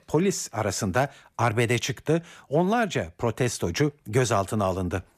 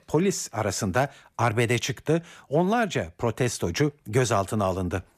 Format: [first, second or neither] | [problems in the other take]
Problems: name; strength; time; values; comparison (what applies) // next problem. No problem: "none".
neither | none